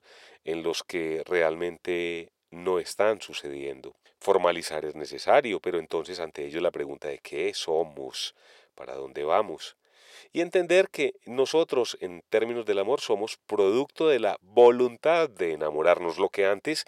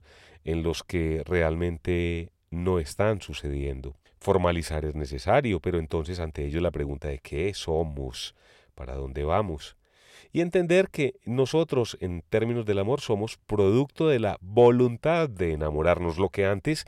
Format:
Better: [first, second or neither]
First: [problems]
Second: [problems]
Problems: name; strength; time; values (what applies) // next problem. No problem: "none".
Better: second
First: thin; somewhat; fading below 450 Hz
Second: none